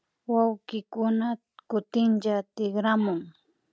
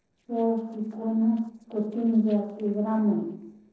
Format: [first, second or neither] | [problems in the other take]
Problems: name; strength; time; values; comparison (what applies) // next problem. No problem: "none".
first | noise reduction (neural separator model SepFormer DNS4)